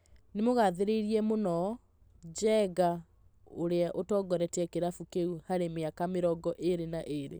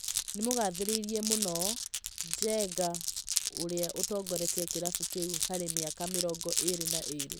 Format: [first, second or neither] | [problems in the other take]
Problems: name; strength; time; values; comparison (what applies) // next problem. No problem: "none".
first | background sound (Glass); 1 dB above the speech